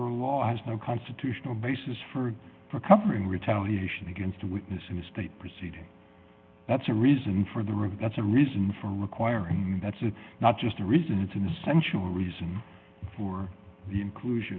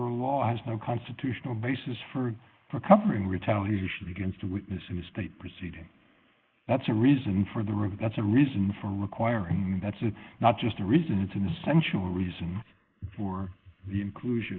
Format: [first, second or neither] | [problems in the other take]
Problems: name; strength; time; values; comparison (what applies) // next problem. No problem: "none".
first | noise reduction (neural mask model Resemble Enhance denoiser)